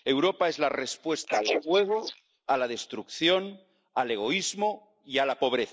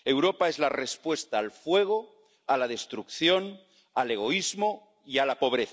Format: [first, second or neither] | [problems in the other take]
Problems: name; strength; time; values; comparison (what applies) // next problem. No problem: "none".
second | noise reduction (neural mask model Resemble Enhance denoiser)